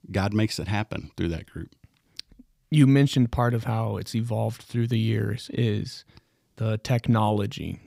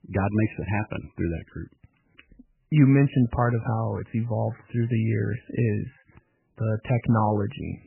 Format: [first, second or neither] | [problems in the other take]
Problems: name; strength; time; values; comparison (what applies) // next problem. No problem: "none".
first | garbled, watery; badly; nothing above 3 kHz